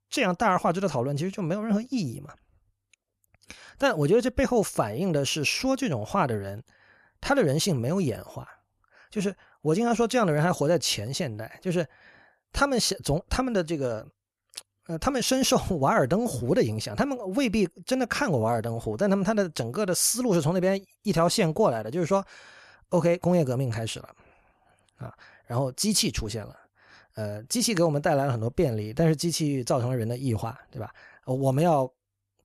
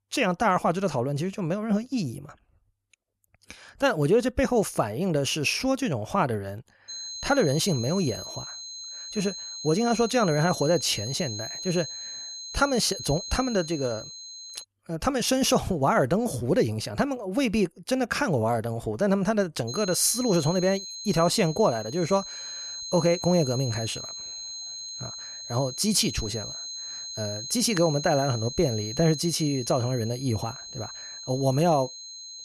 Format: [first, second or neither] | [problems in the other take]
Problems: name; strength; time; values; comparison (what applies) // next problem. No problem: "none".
first | high-pitched whine; loud; from 7 to 15 s and from 20 s on; 4 kHz, 9 dB below the speech